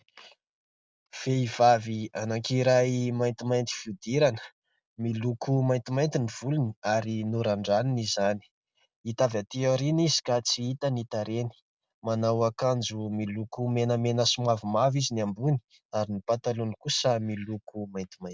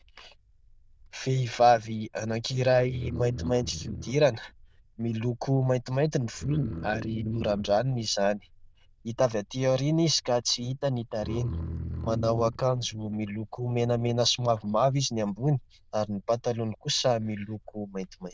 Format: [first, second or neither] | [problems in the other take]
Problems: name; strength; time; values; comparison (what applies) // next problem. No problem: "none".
first | noise reduction (neural diffusion model UNIVERSE++)